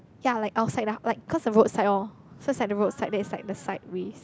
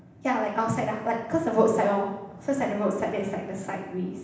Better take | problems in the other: first | room echo; dies away in 0.9 s

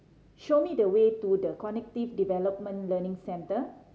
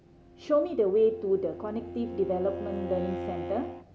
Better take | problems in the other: first | background sound (Bowed string instrument); 9 dB below the speech

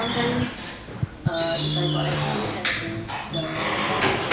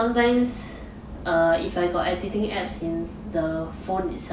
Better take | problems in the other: second | background sound (Squeak / Wood); 5 dB above the speech

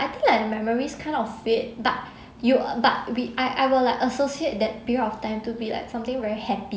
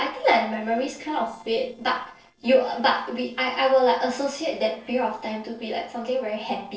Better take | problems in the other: first | noise reduction (neural separator model SepFormer DNS4)

